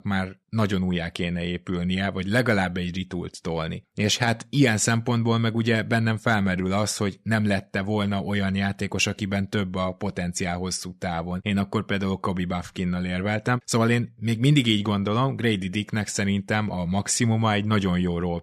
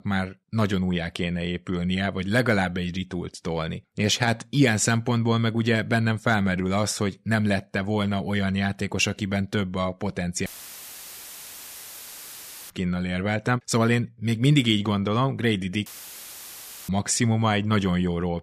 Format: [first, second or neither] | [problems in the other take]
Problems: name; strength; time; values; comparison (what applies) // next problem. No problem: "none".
first | audio cutting out; filled with static; at 10 s for 2 s and at 16 s for 1 s